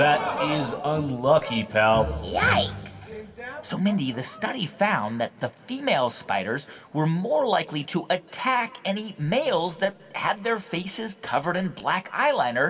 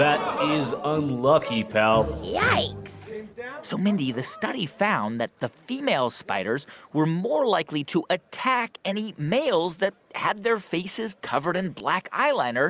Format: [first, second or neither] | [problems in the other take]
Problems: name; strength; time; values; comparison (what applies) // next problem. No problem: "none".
second | room echo; dies away in 2.1 s